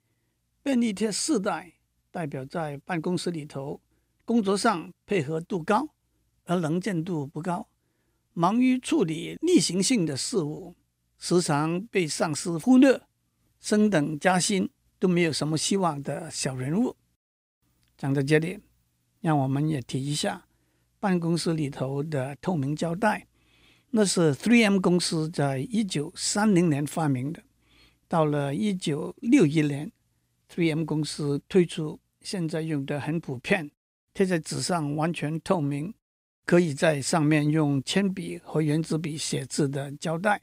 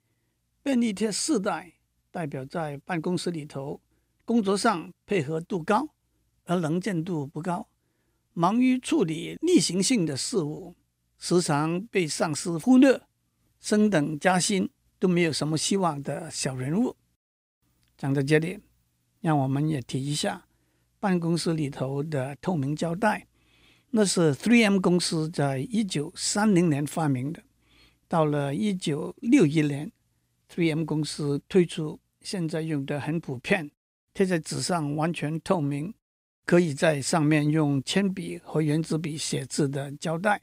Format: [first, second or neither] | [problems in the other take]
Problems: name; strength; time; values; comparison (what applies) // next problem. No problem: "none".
neither | none